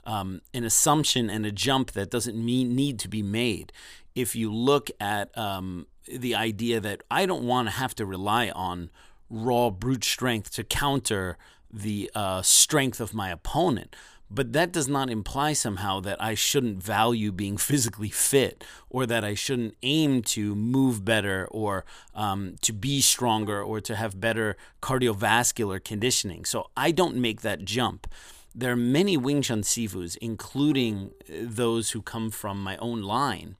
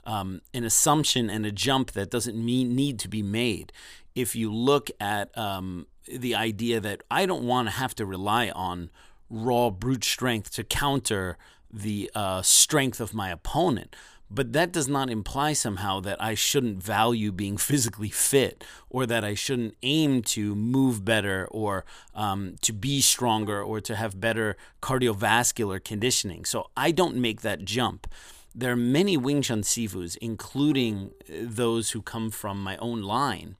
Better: neither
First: none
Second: none

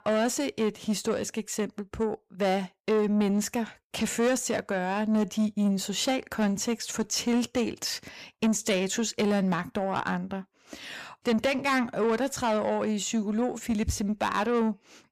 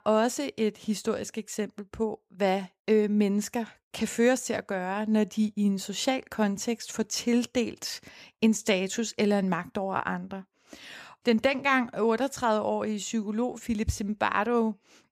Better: second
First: distortion; slight; 10 dB below the speech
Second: none

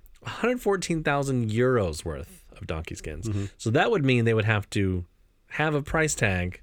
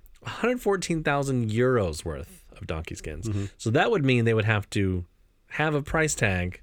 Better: neither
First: none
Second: none

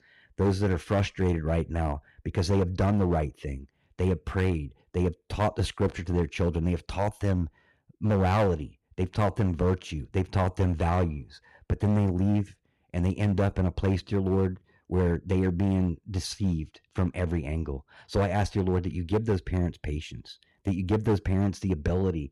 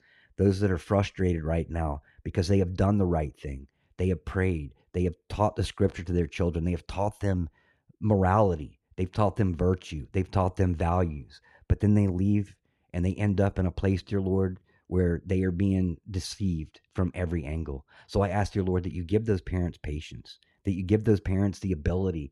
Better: second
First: distortion; slight; 7% of the sound clipped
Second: none

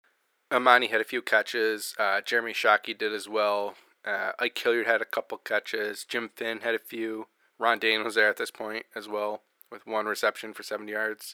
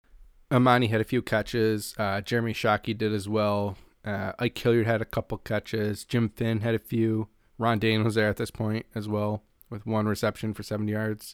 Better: second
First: thin; very; fading below 400 Hz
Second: none

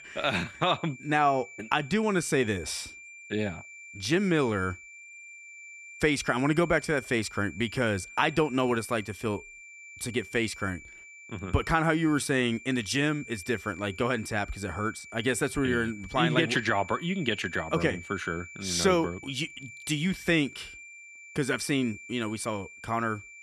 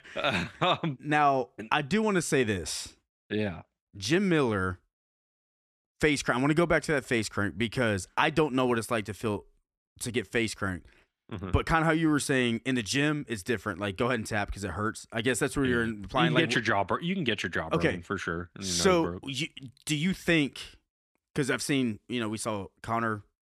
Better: second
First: high-pitched whine; noticeable; throughout; 2.5 kHz, 15 dB below the speech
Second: none

